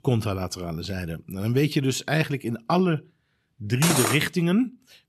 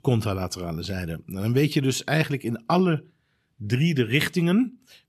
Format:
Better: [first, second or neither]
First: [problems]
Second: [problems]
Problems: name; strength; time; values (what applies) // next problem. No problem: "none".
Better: second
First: clattering dishes; loud; at 4 s; peak 3 dB above the speech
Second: none